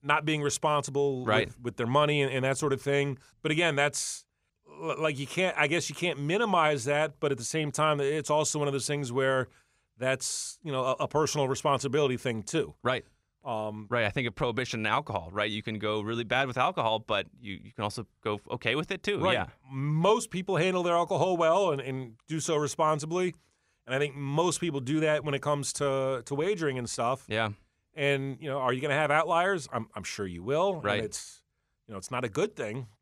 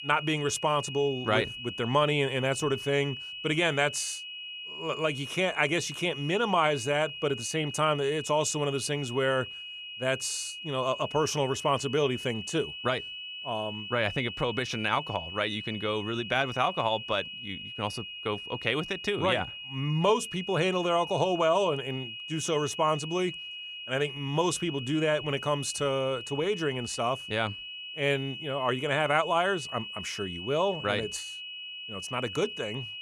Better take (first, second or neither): first